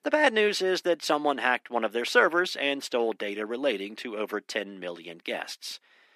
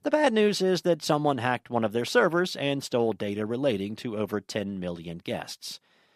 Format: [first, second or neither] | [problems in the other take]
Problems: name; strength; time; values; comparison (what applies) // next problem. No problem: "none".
second | thin; somewhat; fading below 250 Hz